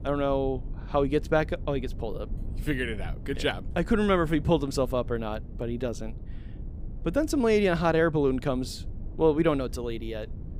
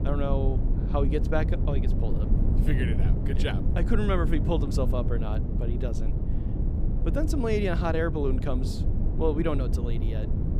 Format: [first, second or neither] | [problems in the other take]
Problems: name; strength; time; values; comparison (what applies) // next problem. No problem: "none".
first | low rumble; loud; throughout; 7 dB below the speech; faint in the first